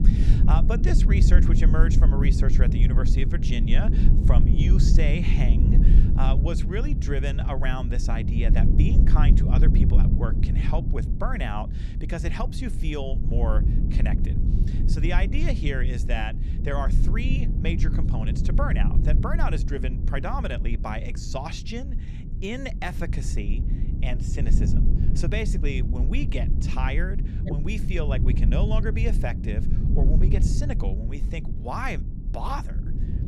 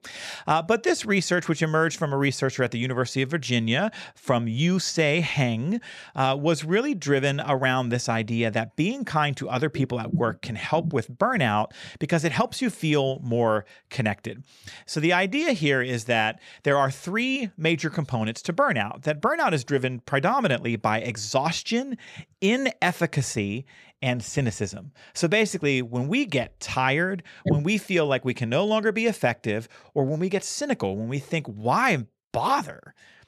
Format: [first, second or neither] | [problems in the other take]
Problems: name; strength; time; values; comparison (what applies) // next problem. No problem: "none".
second | low rumble; loud; throughout; 5 dB below the speech